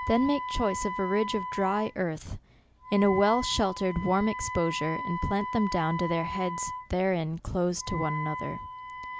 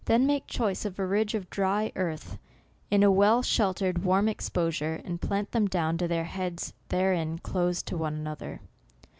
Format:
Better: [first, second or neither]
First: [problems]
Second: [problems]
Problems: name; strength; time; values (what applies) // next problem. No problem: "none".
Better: second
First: background sound (Wind instrument, woodwind instrument); 8 dB below the speech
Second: none